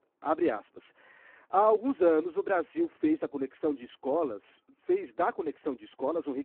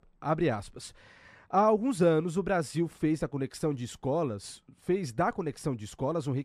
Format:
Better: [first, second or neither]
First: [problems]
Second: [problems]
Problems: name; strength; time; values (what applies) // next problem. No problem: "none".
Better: second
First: phone-call audio; poor line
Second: none